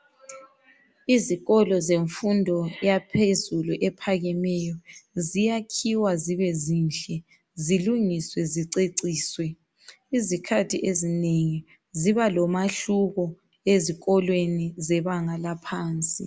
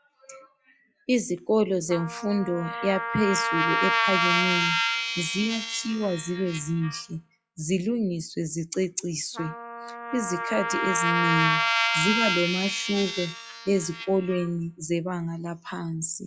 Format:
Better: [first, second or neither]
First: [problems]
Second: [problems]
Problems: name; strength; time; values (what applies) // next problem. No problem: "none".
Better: first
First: none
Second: noise reduction (classical method log-MMSE)